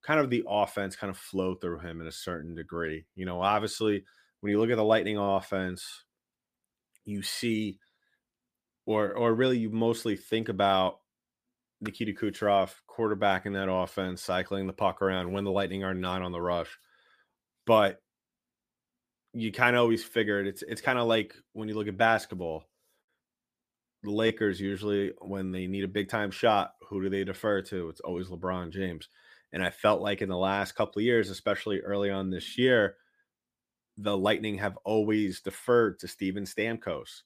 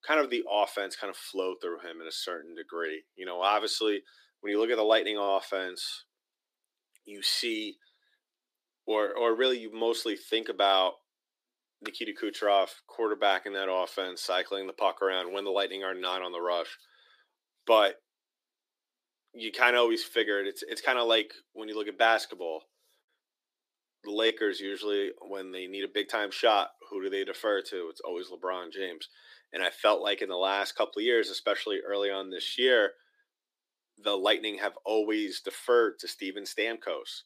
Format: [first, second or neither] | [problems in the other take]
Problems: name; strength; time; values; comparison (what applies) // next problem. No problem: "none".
first | thin; somewhat; fading below 300 Hz